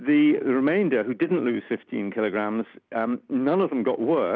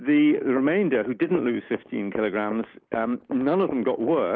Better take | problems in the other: first | noise reduction (neural mask model Resemble Enhance denoiser)

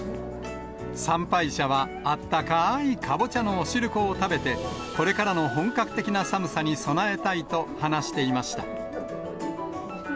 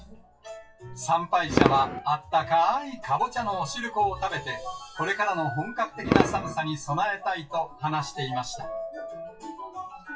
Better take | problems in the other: first | noise reduction (classical method WPE with log-MMSE)

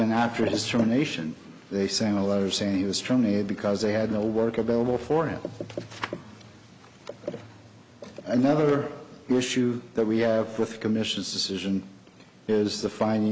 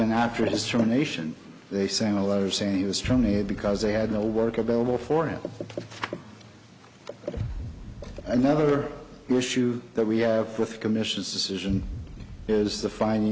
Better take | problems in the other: first | background sound (Boom); 15 dB below the speech

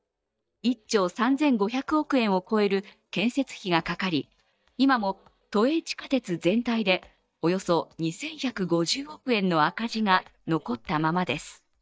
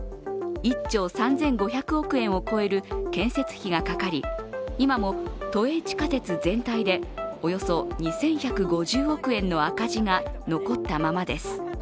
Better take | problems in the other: second | noise reduction (neural mask model DeepFilterNet 3)

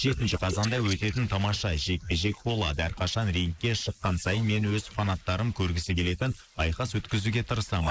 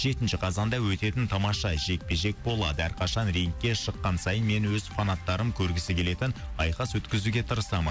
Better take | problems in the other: second | noise reduction (neural mask model Resemble Enhance denoiser)

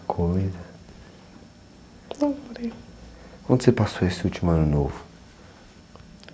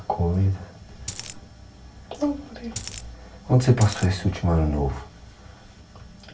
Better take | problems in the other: first | background sound (Coin (dropping)); 10 dB below the speech // room echo; dies away in 0.2 s

